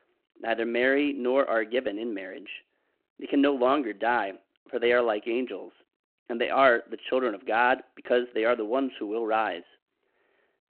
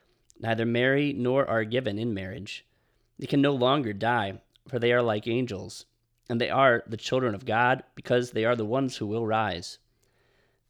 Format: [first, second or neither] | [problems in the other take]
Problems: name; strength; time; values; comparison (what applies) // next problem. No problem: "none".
second | phone-call audio